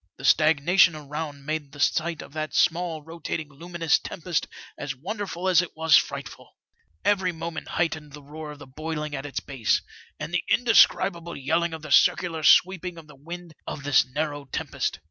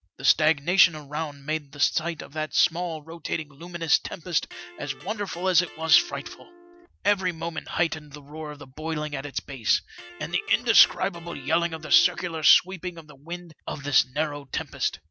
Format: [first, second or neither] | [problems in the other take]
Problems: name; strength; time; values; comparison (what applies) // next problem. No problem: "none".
first | background sound (Electric guitar); 19 dB below the speech